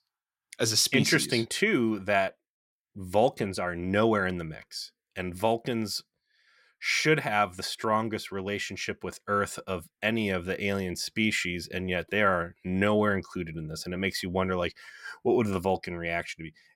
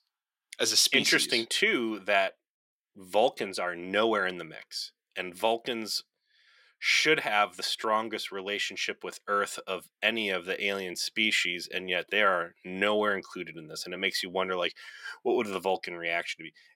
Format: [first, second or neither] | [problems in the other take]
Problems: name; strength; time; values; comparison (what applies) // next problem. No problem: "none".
first | thin; somewhat; fading below 350 Hz